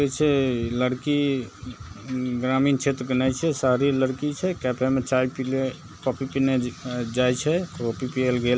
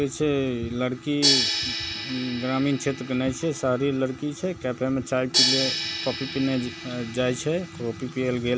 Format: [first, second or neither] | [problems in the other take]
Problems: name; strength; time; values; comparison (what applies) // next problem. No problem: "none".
first | background sound (Crash cymbal); 4 dB below the speech